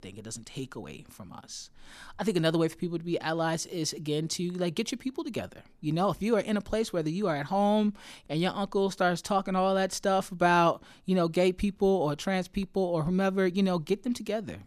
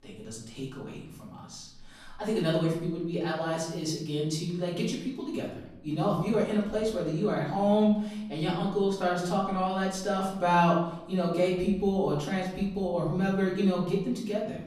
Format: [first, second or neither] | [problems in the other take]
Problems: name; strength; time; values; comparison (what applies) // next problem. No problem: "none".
first | off-mic speech; far // room echo; noticeable; dies away in 0.8 s